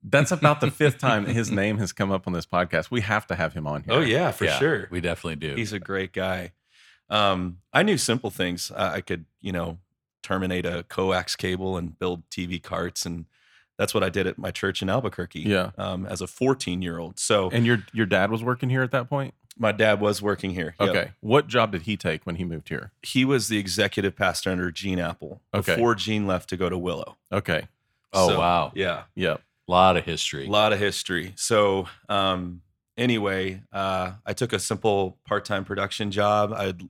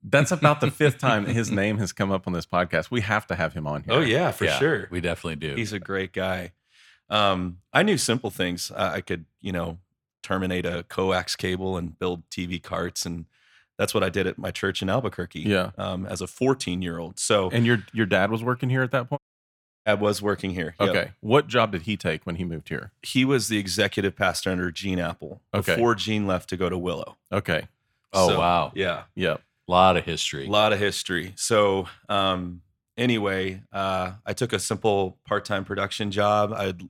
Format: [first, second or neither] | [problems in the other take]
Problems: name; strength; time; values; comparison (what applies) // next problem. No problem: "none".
first | audio cutting out; at 19 s for 0.5 s